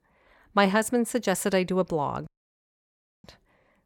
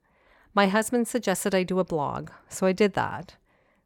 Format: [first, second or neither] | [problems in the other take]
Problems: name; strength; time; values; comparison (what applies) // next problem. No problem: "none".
second | audio cutting out; at 2.5 s for 1 s